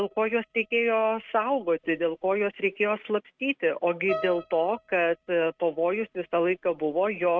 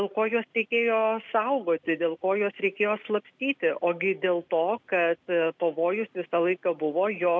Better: second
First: noise reduction (neural mask model RNNoise)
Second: none

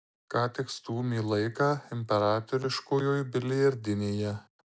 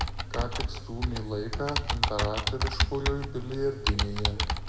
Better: first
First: none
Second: background sound (Computer keyboard); 4 dB above the speech // room echo; dies away in 0.9 s

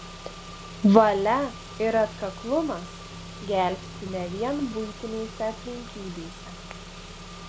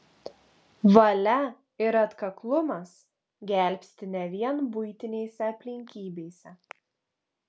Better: second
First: background sound (Engine / Car); 13 dB below the speech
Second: none

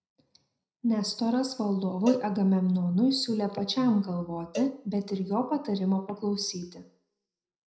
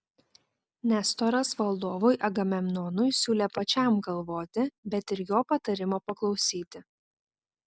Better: second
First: background sound (Cowbell); 17 dB below the speech // room echo; dies away in 0.5 s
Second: none

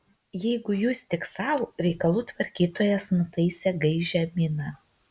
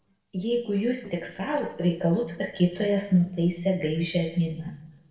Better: first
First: none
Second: noise reduction (neural separator model SepFormer DNS4)

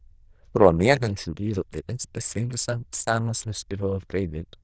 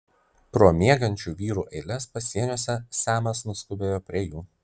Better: second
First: noise reduction (neural diffusion model UNIVERSE++)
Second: none

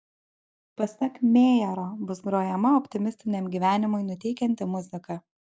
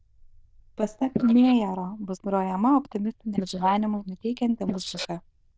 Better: first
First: none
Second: noise reduction (neural diffusion model UNIVERSE++)

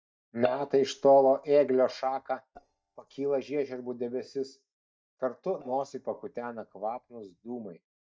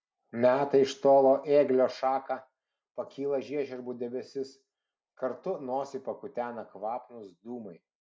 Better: second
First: noise reduction (neural mask model DeepFilterNet 3)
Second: none

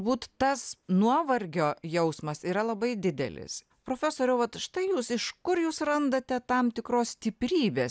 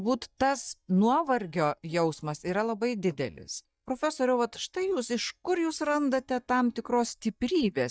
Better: first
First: none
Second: noise reduction (neural mask model DeepFilterNet 3)

